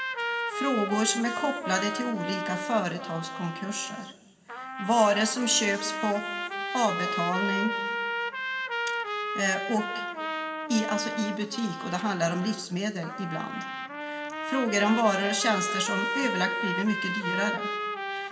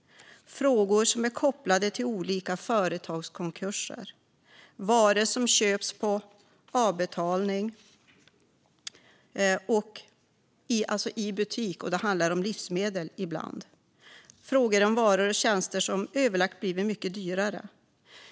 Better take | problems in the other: second | background sound (Trumpet); 3 dB below the speech // room echo; dies away in 1.8 s

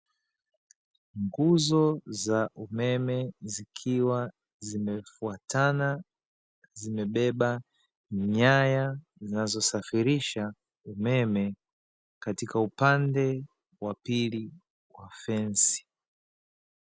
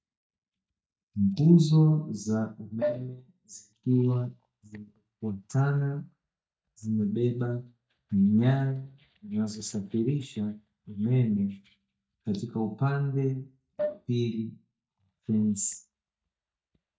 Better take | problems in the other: first | noise reduction (neural mask model DeepFilterNet 3)

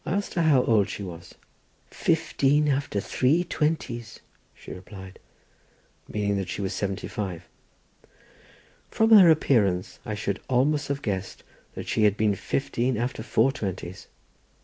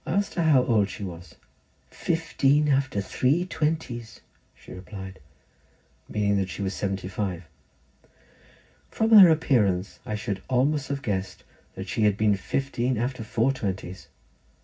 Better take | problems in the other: first | room echo; dies away in 0.4 s

